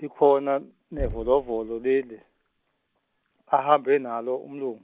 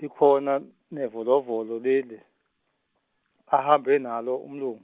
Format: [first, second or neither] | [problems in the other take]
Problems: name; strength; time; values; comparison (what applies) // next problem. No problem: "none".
second | background sound (Knock); 15 dB below the speech